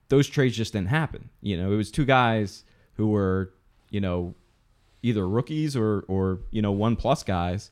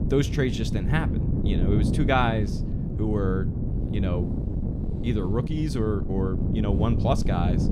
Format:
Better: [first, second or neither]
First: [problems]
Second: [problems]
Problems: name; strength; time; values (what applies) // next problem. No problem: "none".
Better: first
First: none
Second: wind noise on the microphone; heavy; 7 dB below the speech